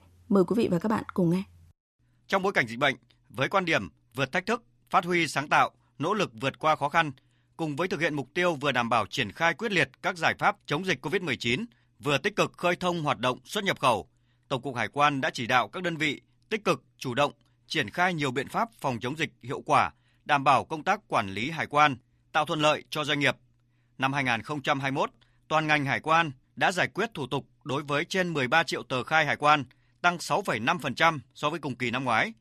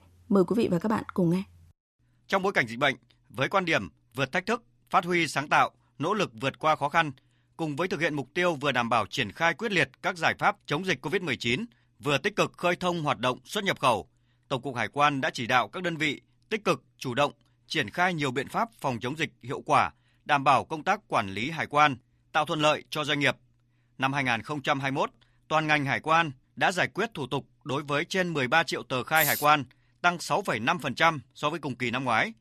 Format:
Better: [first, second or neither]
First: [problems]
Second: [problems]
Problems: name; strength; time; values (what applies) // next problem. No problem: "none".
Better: first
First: none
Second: jangling keys; noticeable; at 29 s; peak 1 dB below the speech